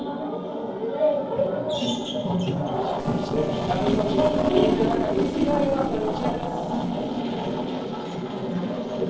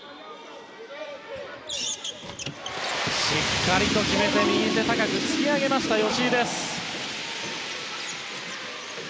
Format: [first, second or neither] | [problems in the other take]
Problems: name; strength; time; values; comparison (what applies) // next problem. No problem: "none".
second | noise reduction (neural separator model SepFormer DNS4)